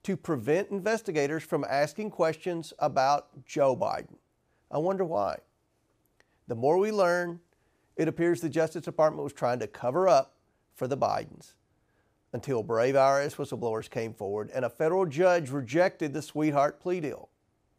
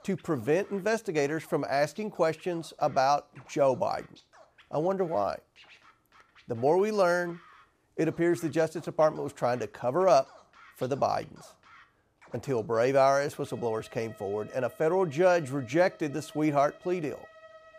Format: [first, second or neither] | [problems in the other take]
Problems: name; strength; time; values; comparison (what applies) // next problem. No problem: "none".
first | background music; faint; throughout; 25 dB below the speech